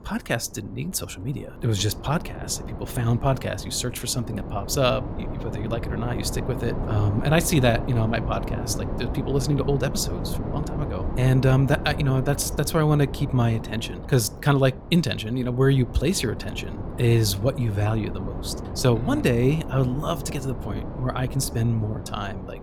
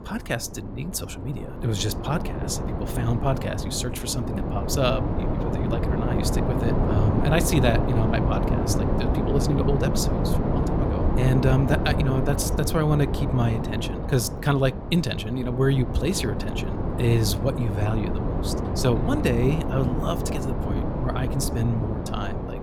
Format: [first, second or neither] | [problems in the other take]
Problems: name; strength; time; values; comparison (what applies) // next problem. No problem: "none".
first | wind noise on the microphone; heavy; 2 dB below the speech; occasional gusts in the first